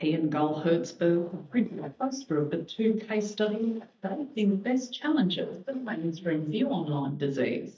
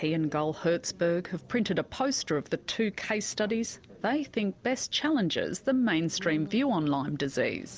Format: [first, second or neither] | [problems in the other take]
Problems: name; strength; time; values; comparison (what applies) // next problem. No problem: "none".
second | noise reduction (neural mask model DeepFilterNet 3)